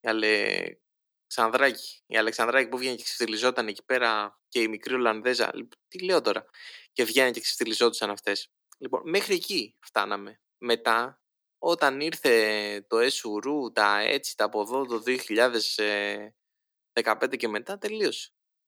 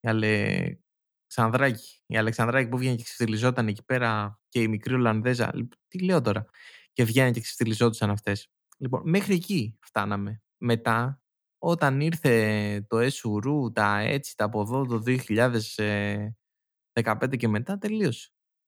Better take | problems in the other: second | thin; somewhat; fading below 350 Hz

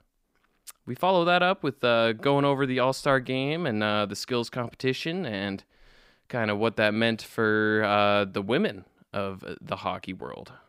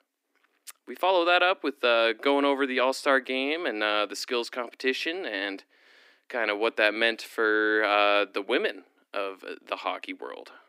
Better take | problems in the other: first | thin; very slightly; fading below 250 Hz

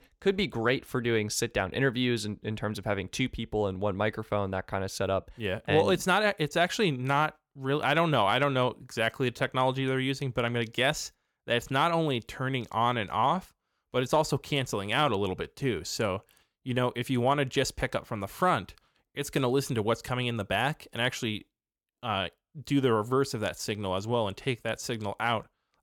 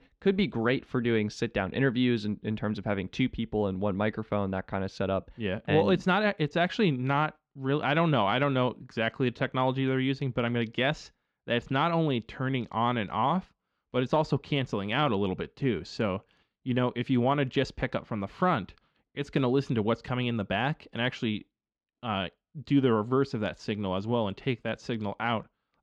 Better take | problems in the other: first | muffled; slightly; fading above 4 kHz

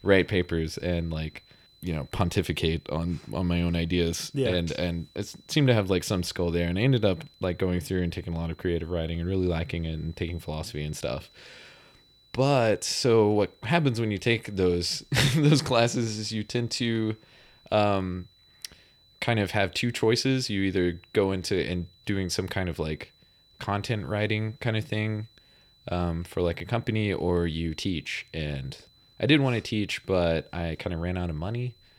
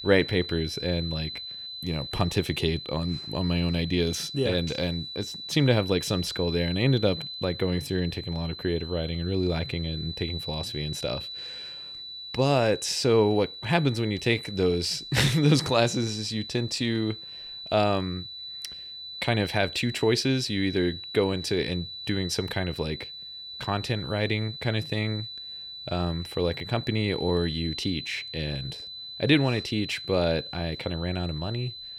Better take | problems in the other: first | high-pitched whine; loud; throughout; 4 kHz, 9 dB below the speech; faint in the first

